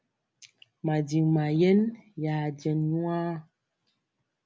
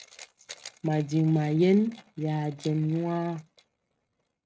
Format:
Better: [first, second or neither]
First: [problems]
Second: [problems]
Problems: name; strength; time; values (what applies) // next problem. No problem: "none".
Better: first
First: none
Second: noise reduction (neural mask model RNNoise)